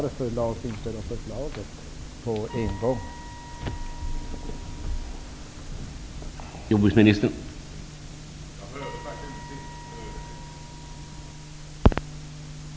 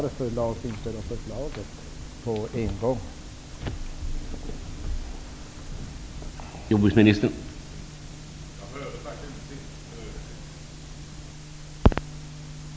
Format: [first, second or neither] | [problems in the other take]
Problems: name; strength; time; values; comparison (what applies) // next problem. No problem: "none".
second | background sound (Wind instrument, woodwind instrument); 19 dB below the speech